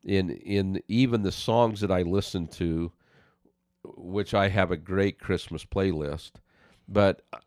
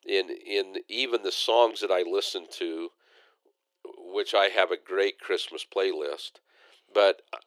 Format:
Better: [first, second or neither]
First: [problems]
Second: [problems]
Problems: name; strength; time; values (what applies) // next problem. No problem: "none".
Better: first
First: none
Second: thin; very; fading below 350 Hz